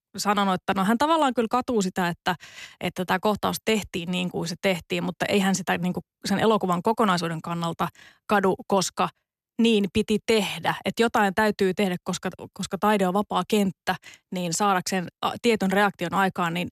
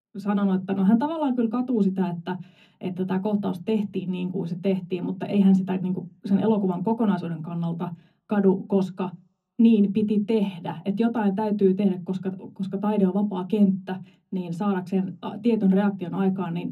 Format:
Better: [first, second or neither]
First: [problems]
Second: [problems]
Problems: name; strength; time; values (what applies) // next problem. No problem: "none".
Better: first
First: none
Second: room echo; slight; dies away in 0.3 s // off-mic speech; far